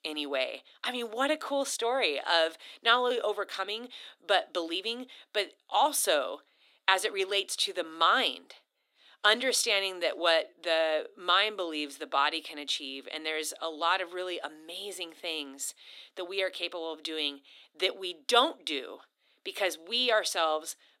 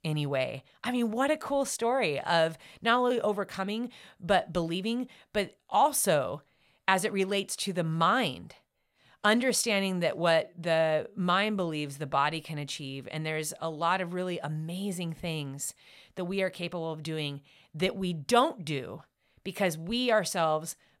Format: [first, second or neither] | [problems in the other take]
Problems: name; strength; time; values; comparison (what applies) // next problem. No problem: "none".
second | thin; somewhat; fading below 300 Hz